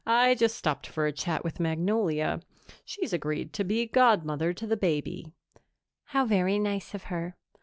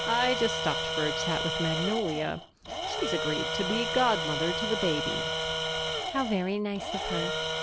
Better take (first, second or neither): first